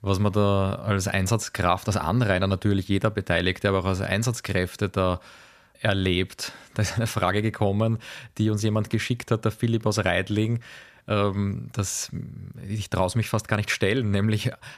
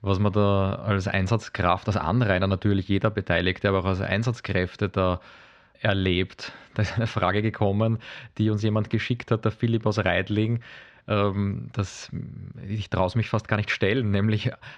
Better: first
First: none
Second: muffled; slightly; fading above 4 kHz

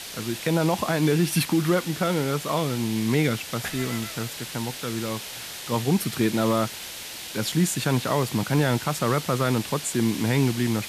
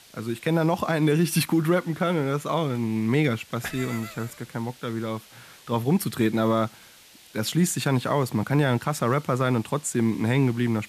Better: second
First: hiss; loud; throughout; 9 dB below the speech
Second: hiss; faint; throughout; 25 dB below the speech

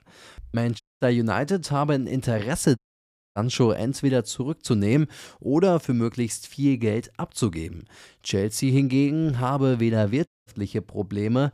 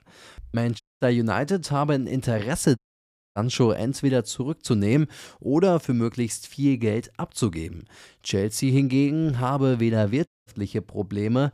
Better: neither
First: audio cutting out; at 1 s, at 3 s for 0.5 s and at 10 s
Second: audio cutting out; at 1 s, at 3 s for 0.5 s and at 10 s

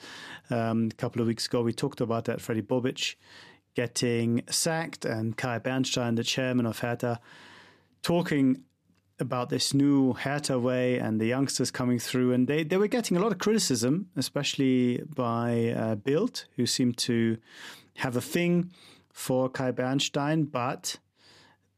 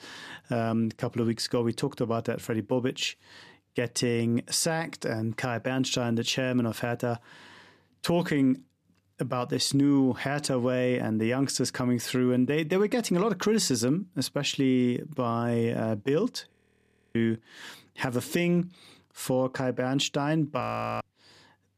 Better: first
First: none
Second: audio freezing; at 17 s for 0.5 s and at 21 s

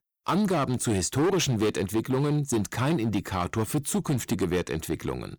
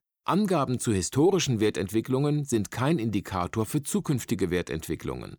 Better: second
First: distortion; slight; 13% of the sound clipped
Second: none

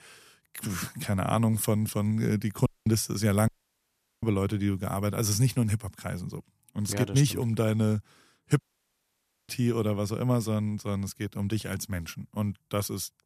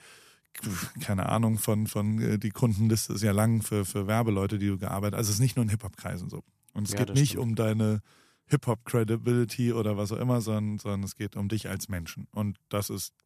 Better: second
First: audio cutting out; at 2.5 s, at 3.5 s for 1 s and at 8.5 s for 1 s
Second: none

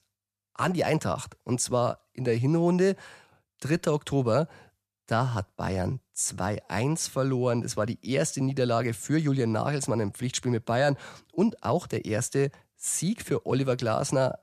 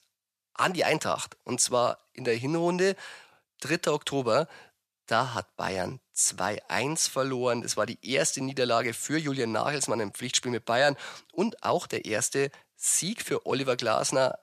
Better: first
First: none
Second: thin; somewhat; fading below 1 kHz

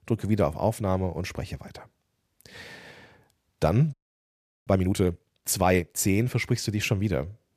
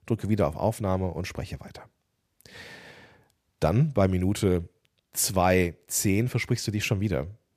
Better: second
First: audio freezing; at 4 s for 0.5 s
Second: none

